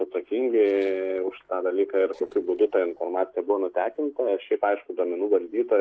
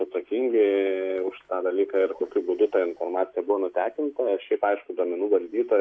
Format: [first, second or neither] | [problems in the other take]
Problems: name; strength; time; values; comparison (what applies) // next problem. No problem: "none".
second | noise reduction (neural separator model SepFormer DNS4)